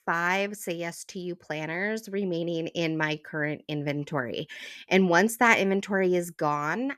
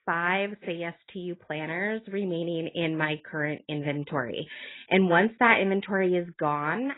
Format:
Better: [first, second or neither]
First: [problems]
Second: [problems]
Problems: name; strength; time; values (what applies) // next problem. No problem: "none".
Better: first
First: none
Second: garbled, watery; badly; nothing above 3.5 kHz